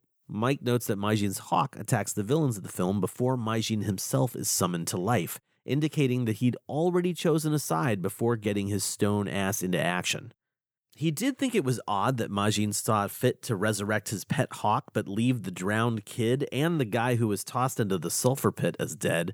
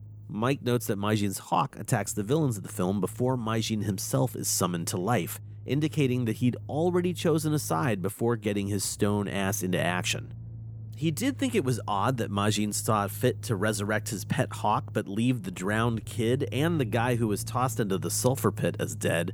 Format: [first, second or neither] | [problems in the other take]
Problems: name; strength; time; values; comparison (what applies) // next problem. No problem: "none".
first | low rumble; faint; throughout; 25 dB below the speech